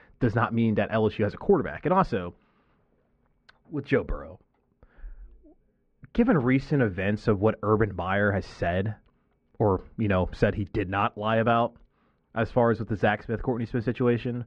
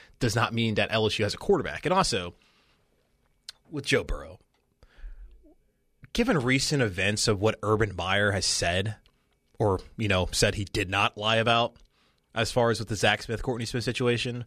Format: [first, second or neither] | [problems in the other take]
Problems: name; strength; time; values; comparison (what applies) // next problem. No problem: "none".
second | muffled; very; fading above 1.5 kHz